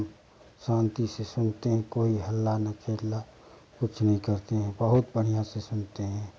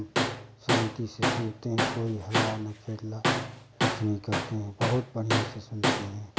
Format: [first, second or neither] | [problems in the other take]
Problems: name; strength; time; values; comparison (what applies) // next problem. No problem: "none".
first | background sound (Tools); 3 dB above the speech